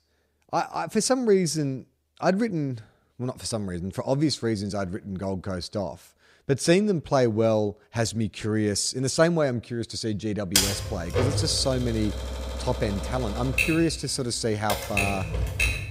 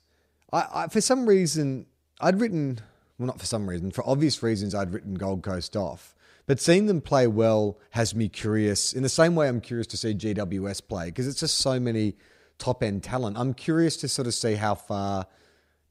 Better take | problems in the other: second | keyboard typing; loud; from 11 s on; peak 4 dB above the speech

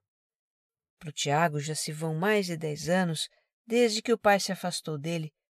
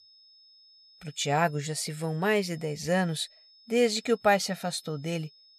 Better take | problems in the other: first | high-pitched whine; faint; throughout; 5 kHz, 25 dB below the speech

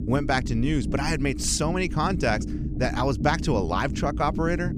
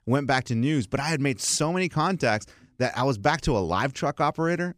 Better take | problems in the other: second | low rumble; noticeable; throughout; 15 dB below the speech

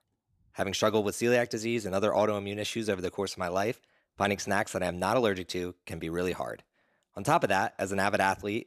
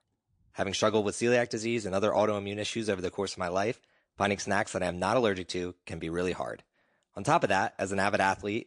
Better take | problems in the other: first | garbled, watery; slightly; nothing above 8.5 kHz

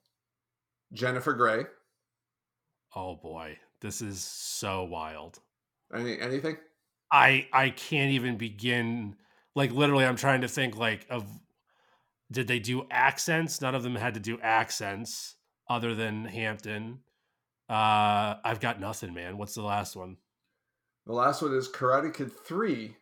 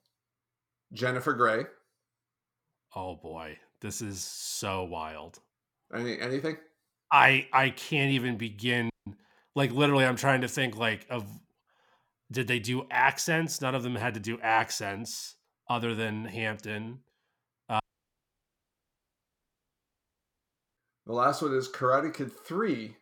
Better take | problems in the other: first | audio cutting out; at 9 s and at 18 s for 3 s

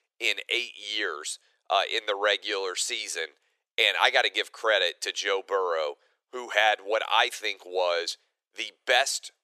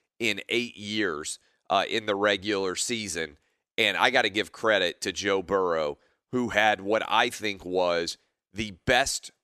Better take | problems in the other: second | thin; very; fading below 450 Hz

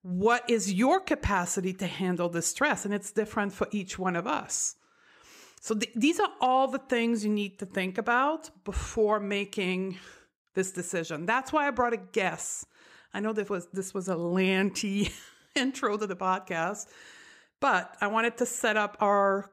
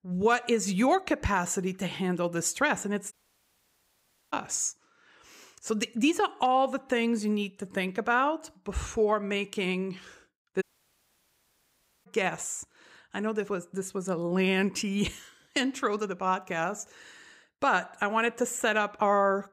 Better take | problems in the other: first | audio cutting out; at 3 s for 1 s and at 11 s for 1.5 s

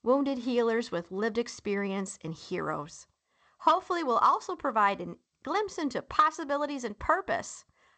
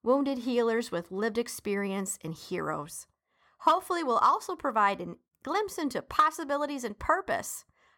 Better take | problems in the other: second | garbled, watery; slightly; nothing above 8 kHz

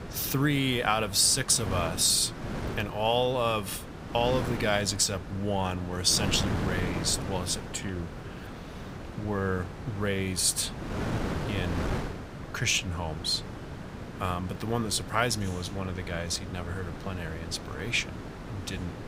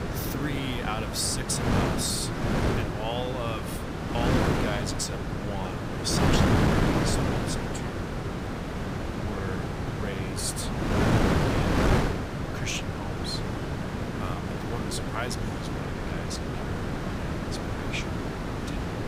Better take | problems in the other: first | wind noise on the microphone; heavy; 3 dB above the speech; occasional gusts in the first

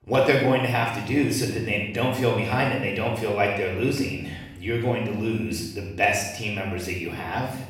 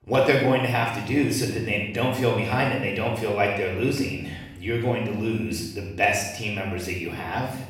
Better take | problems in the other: neither | off-mic speech; far; the same in both // room echo; noticeable; dies away in 0.7 s; the same in both

